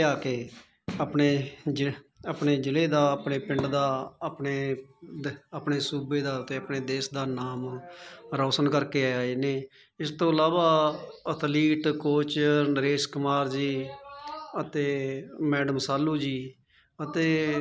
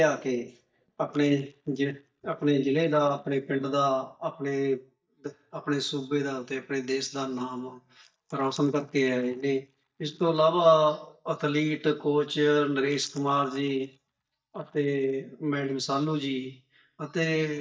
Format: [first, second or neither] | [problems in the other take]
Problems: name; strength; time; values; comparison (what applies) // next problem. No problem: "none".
first | noise reduction (neural mask model DeepFilterNet 3)